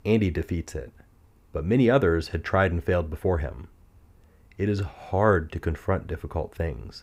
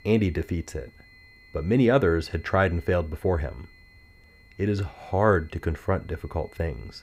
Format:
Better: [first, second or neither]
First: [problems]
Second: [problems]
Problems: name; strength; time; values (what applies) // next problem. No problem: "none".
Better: first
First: none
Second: high-pitched whine; faint; throughout; 2 kHz, 30 dB below the speech